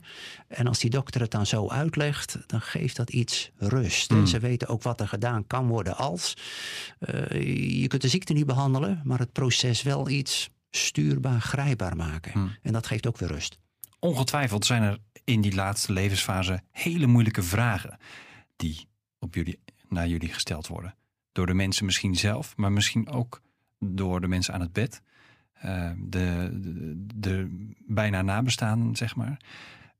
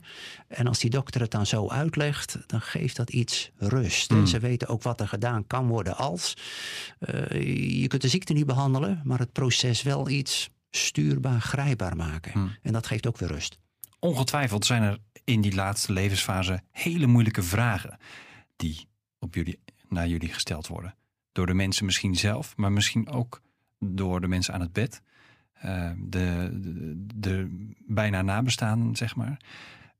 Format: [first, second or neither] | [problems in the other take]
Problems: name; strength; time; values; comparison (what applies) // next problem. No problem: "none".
neither | none